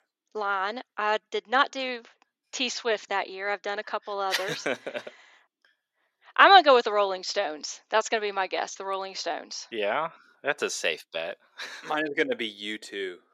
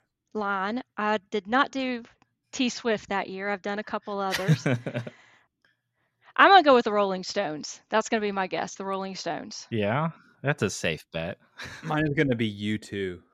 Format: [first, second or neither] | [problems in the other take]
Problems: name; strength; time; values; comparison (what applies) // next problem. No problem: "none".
second | thin; somewhat; fading below 400 Hz